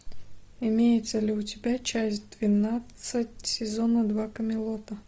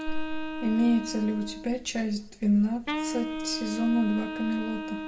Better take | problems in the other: first | background sound (Wind instrument, woodwind instrument); 8 dB below the speech // room echo; dies away in 0.4 s

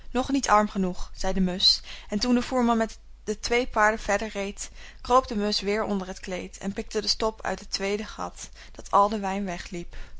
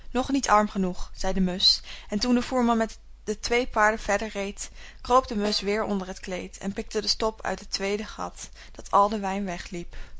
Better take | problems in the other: first | background sound (Snare drum); 19 dB below the speech

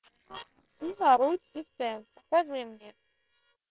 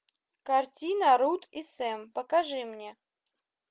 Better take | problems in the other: second | noise reduction (neural separator model SepFormer WHAM!)

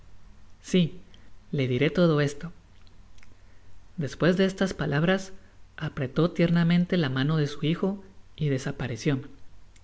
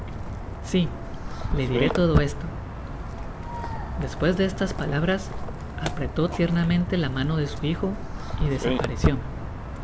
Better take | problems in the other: first | background sound (Walk, footsteps); 2 dB below the speech

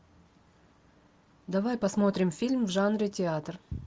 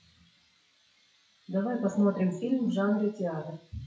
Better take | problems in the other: first | noise reduction (classical method WPE with log-MMSE)

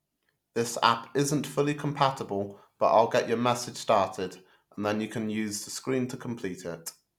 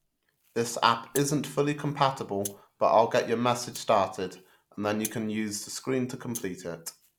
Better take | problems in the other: first | background sound (Rattle (instrument)); 19 dB below the speech

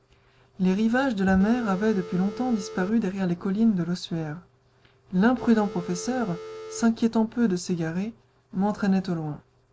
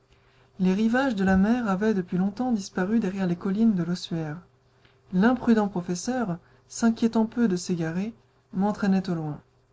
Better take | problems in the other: second | background sound (Telephone); 13 dB below the speech

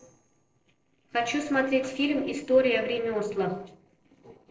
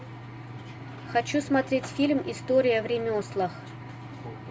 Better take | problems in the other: second | noise reduction (neural separator model SepFormer DNS4)

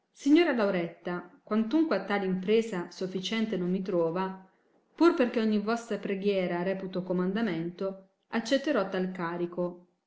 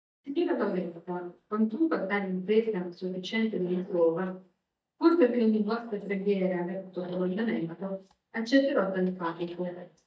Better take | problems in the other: first | noise reduction (neural mask model DeepFilterNet 3)

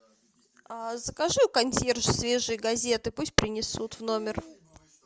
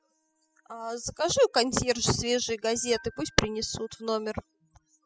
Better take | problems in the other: first | noise reduction (classical method spectral subtraction)

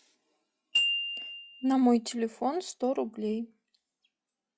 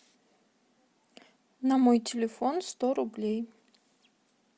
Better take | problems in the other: second | noise reduction (classical method log-MMSE)

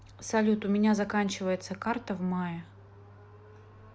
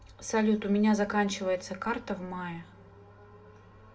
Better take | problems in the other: first | room echo; dies away in 1.2 s

